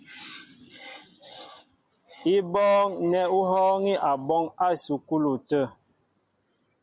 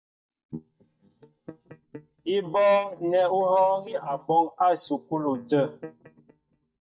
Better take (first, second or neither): first